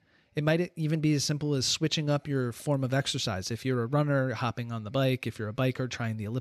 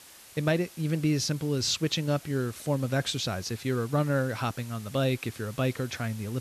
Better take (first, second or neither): first